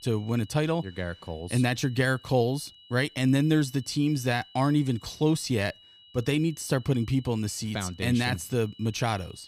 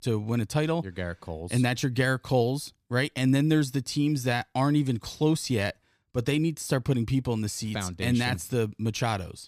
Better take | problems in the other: second | high-pitched whine; faint; throughout; 3 kHz, 25 dB below the speech

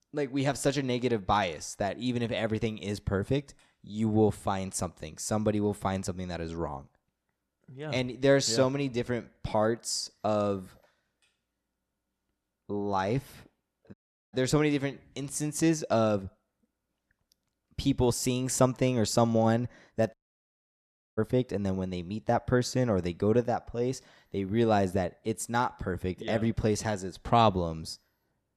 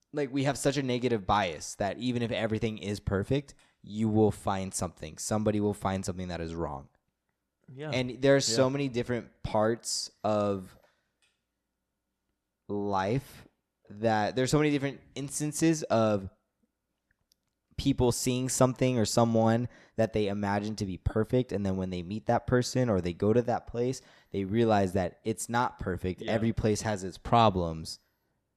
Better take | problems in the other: second | audio cutting out; at 14 s and at 20 s for 1 s

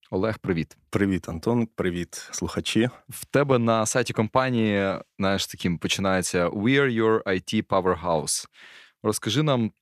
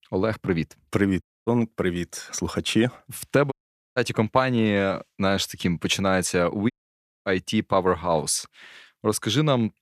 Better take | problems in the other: first | audio cutting out; at 1 s, at 3.5 s and at 6.5 s for 0.5 s

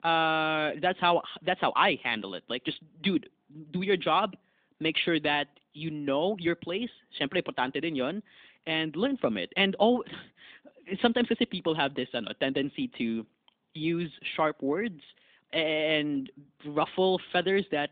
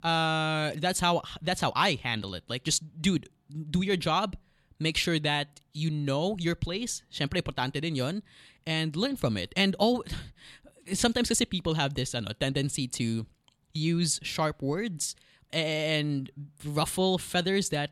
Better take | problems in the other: second | phone-call audio; nothing above 3.5 kHz

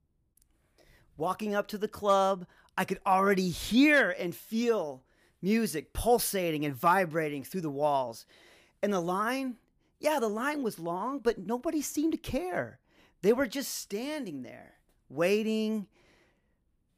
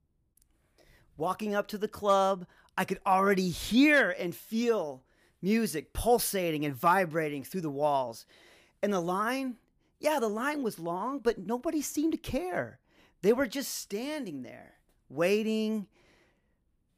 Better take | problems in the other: neither | none

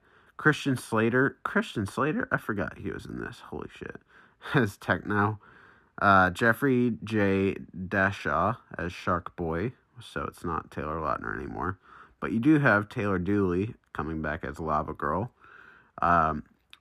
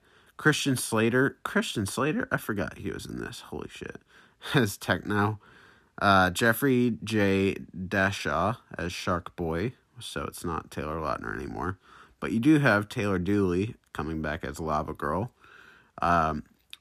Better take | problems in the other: second | muffled; slightly; fading above 3 kHz

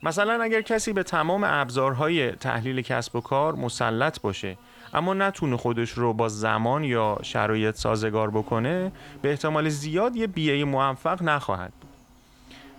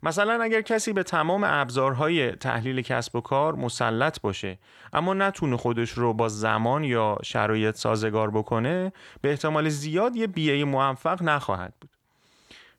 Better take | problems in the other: second | animal sounds; faint; throughout; 25 dB below the speech

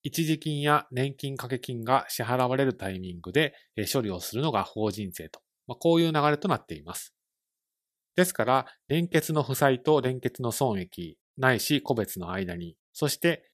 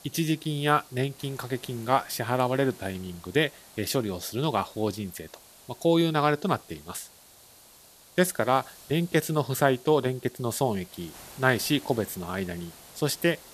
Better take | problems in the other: first | hiss; faint; throughout; 20 dB below the speech

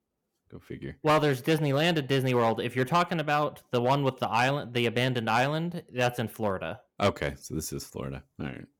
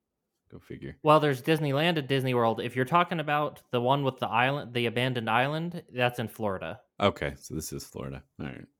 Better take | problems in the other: second | distortion; slight; 3% of the sound clipped

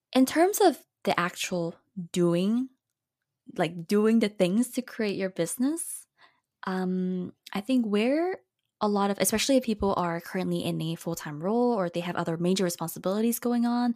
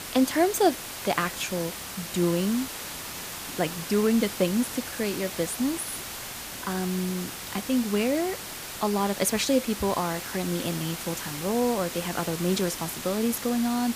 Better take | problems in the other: first | hiss; loud; throughout; 7 dB below the speech

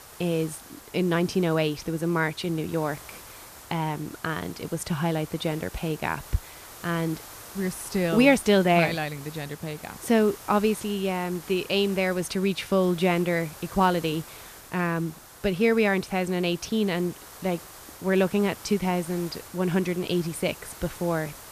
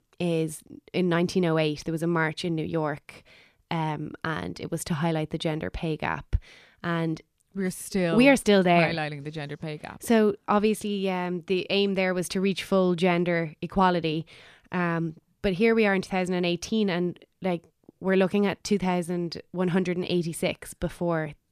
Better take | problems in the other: second | hiss; noticeable; throughout; 15 dB below the speech

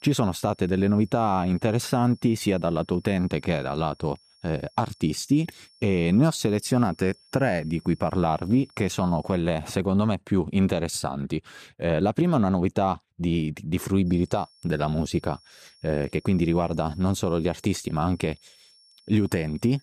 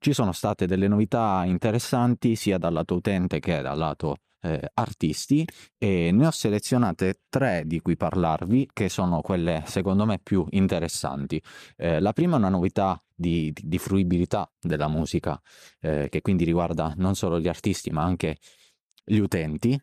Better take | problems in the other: second | high-pitched whine; faint; until 9.5 s and from 14 s on; 5.5 kHz, 30 dB below the speech

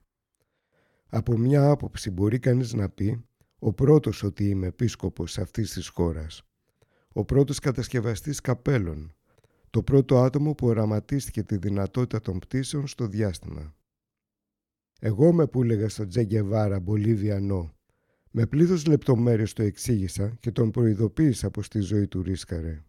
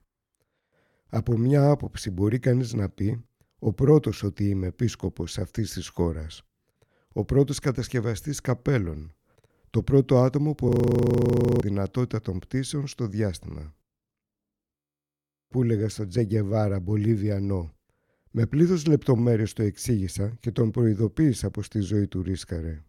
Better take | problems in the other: first | audio freezing; at 11 s for 1 s and at 15 s for 1 s

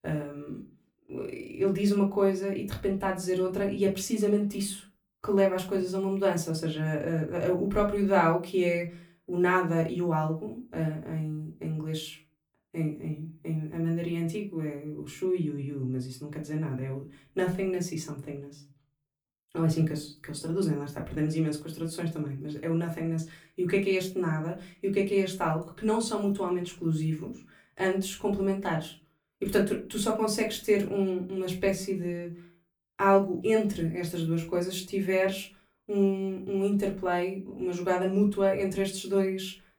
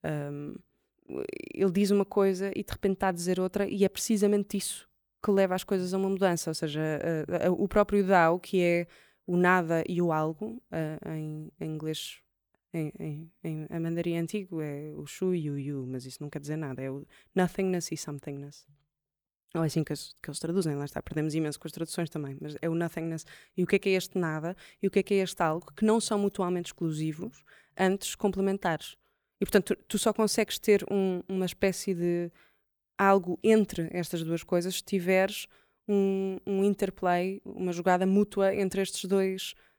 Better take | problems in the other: second | off-mic speech; somewhat distant // room echo; very slight; dies away in 0.3 s

